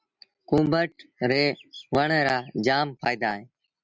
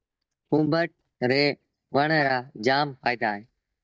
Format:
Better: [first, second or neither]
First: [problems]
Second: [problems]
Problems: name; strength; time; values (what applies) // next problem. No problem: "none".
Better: first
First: none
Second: noise reduction (neural mask model DeepFilterNet 3)